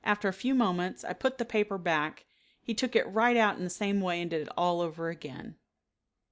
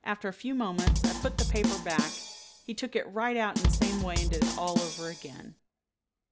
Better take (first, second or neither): first